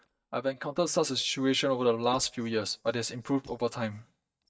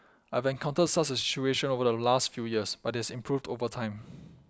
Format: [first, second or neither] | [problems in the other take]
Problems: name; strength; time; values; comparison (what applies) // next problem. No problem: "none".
second | noise reduction (neural mask model DeepFilterNet 3)